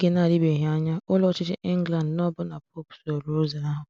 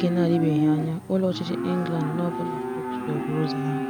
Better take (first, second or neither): first